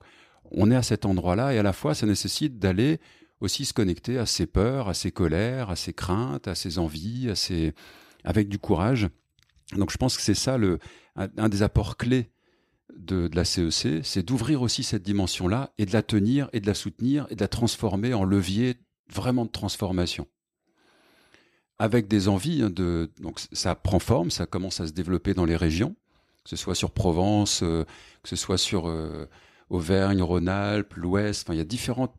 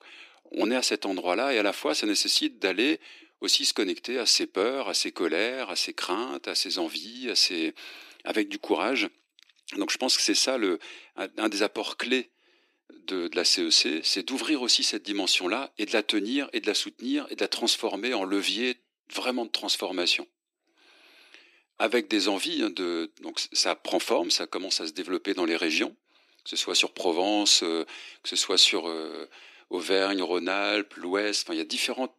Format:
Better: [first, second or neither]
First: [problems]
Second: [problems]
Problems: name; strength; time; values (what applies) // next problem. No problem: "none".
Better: first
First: none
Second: thin; somewhat; fading below 300 Hz